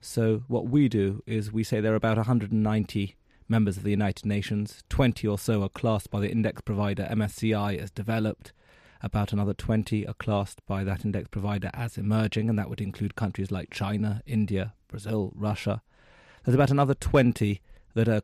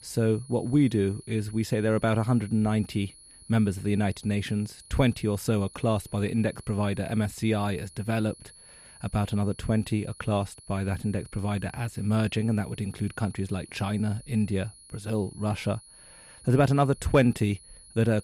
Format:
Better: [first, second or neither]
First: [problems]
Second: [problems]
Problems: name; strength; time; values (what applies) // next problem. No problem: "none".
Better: first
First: none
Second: high-pitched whine; faint; throughout; 10.5 kHz, 20 dB below the speech